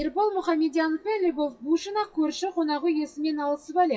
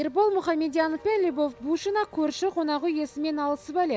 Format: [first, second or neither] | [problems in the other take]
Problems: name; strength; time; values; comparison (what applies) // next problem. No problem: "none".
second | noise reduction (classical method WPE with log-MMSE)